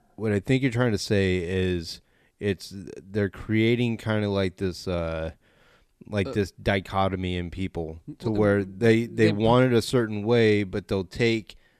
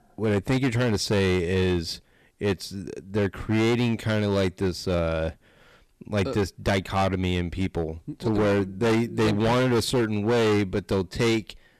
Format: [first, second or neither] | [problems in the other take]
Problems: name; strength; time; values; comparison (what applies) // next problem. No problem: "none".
first | distortion; heavy; 15% of the sound clipped